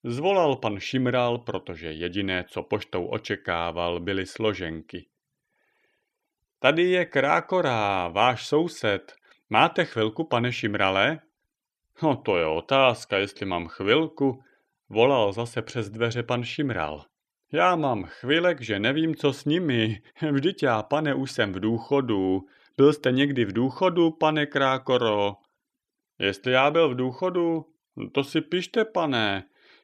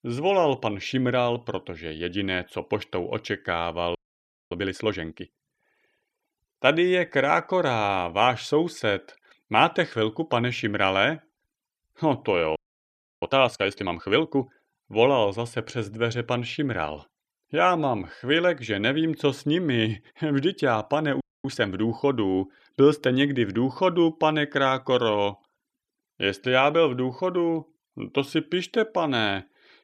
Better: first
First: none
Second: audio freezing; at 4 s for 0.5 s, at 13 s for 0.5 s and at 21 s

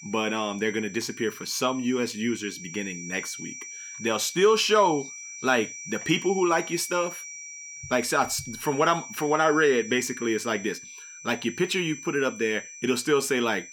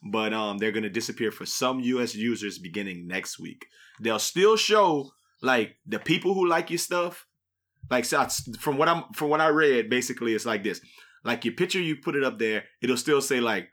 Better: second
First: high-pitched whine; noticeable; throughout; 6 kHz, 15 dB below the speech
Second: none

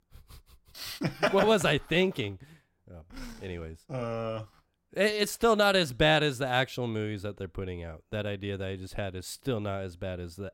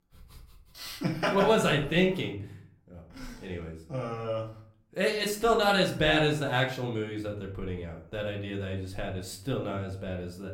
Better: first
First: none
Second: room echo; slight; dies away in 0.4 s // off-mic speech; somewhat distant

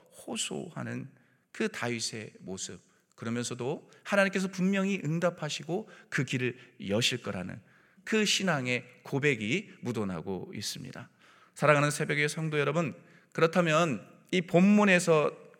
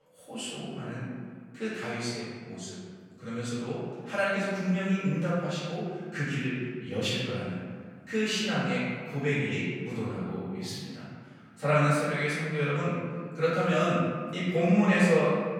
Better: first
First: none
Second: off-mic speech; far // room echo; strong; dies away in 1.7 s

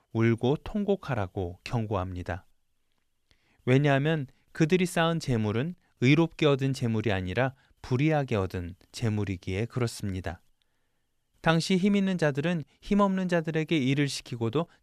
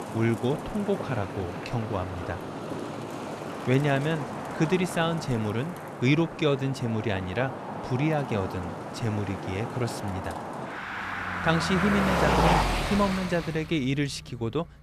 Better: first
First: none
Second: traffic noise; loud; throughout; 4 dB below the speech

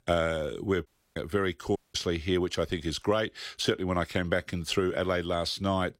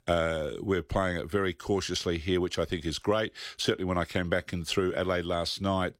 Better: second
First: audio cutting out; at 1 s and at 2 s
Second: none

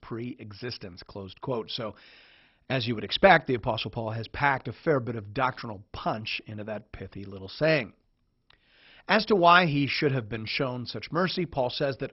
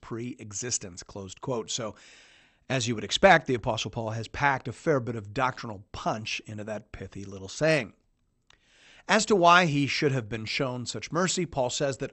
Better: second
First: garbled, watery; badly; nothing above 5.5 kHz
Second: garbled, watery; slightly; nothing above 8 kHz

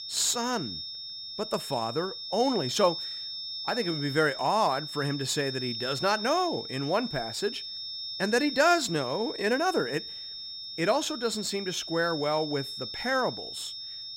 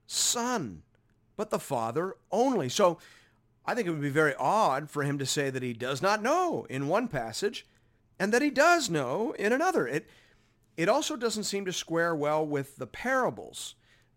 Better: second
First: high-pitched whine; loud; throughout; 5.5 kHz, 7 dB below the speech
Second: none

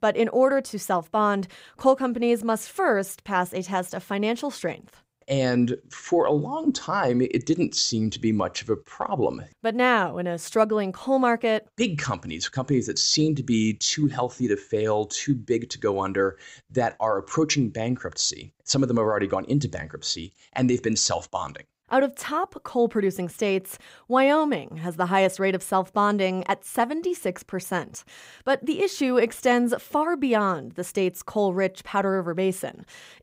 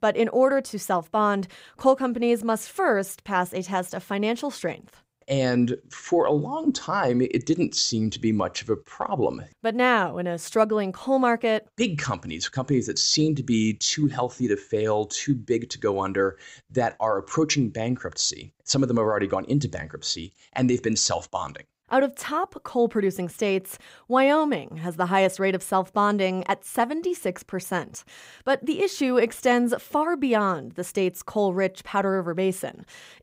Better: neither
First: none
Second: none

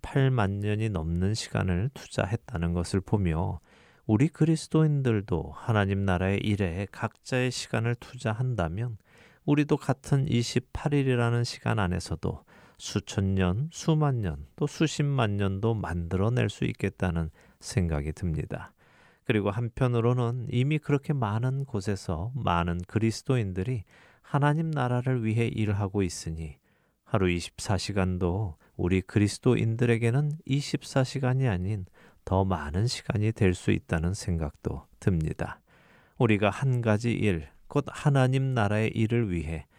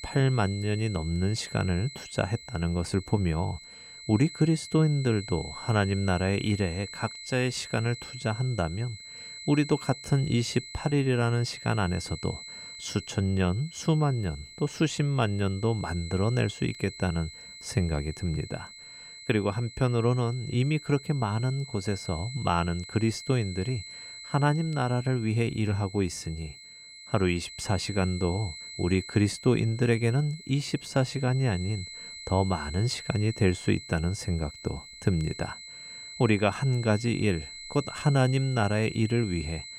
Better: first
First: none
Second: high-pitched whine; noticeable; throughout; 4 kHz, 15 dB below the speech

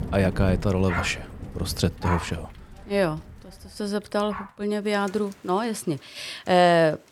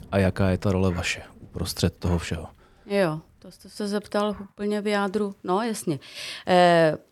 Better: second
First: rain or running water; loud; throughout; 10 dB below the speech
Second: rain or running water; faint; throughout; 25 dB below the speech

